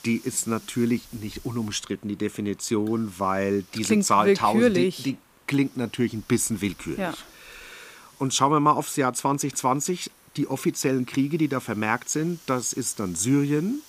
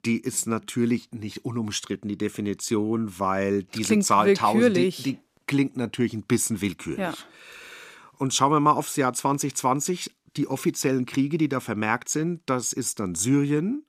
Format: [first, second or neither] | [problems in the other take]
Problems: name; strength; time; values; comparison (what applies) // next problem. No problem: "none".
second | hiss; faint; throughout; 25 dB below the speech